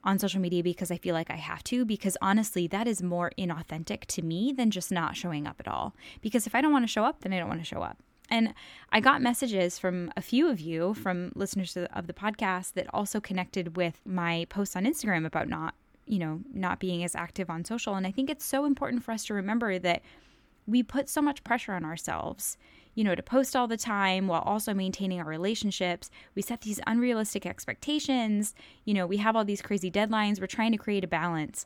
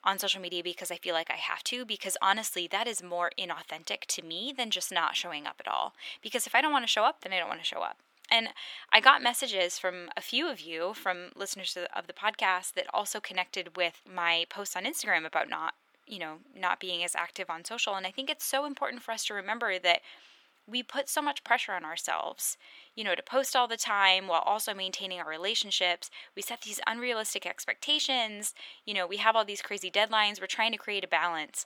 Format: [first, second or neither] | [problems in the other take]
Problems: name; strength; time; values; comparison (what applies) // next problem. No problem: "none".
first | thin; very; fading below 700 Hz